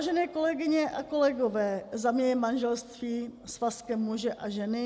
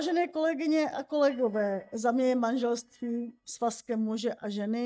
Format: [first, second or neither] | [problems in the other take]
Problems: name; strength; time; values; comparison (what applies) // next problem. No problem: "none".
first | noise reduction (neural mask model DeepFilterNet 3)